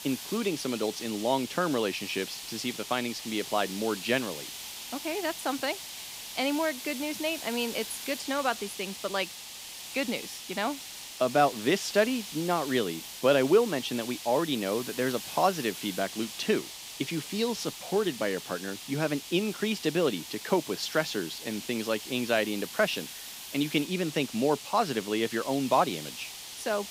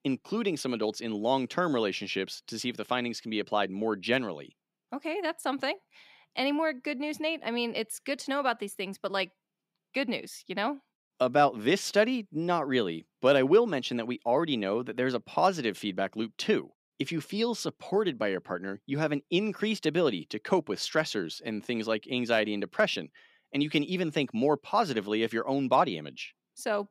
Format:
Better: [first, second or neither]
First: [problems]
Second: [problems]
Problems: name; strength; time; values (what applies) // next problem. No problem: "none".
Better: second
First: hiss; loud; throughout; 9 dB below the speech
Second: none